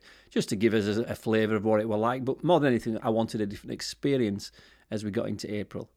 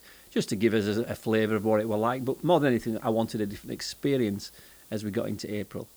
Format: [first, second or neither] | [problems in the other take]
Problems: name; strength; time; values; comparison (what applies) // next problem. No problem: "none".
first | hiss; faint; throughout; 25 dB below the speech